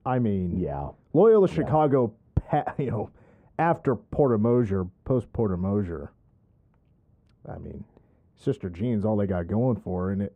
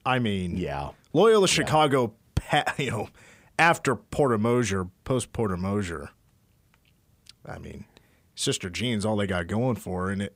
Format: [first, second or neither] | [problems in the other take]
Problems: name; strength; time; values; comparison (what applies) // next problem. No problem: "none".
second | muffled; very; fading above 2 kHz